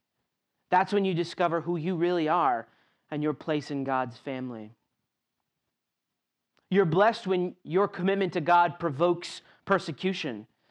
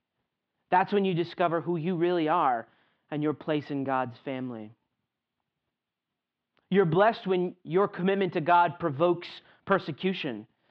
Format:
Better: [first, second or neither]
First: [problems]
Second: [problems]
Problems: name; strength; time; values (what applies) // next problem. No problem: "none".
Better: first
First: none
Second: muffled; slightly; fading above 3.5 kHz